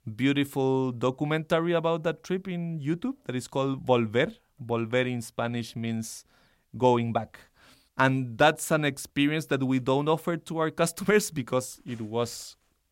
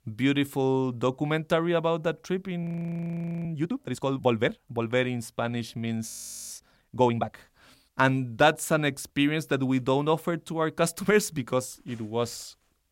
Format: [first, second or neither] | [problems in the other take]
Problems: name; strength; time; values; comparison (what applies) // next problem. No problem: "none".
first | audio freezing; at 2.5 s for 1 s and at 6 s